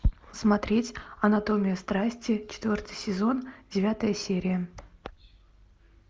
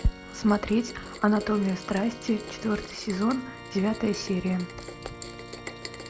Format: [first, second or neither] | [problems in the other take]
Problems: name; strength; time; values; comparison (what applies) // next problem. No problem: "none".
first | background sound (Organ + Rain); 13 dB below the speech